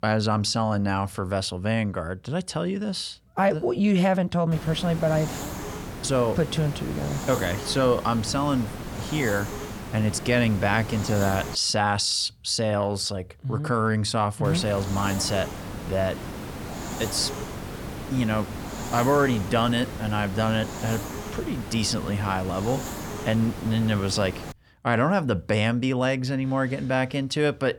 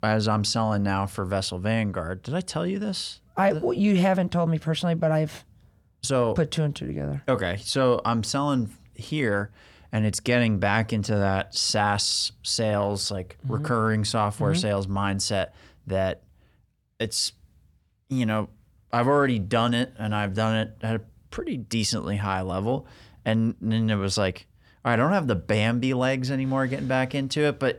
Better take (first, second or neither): second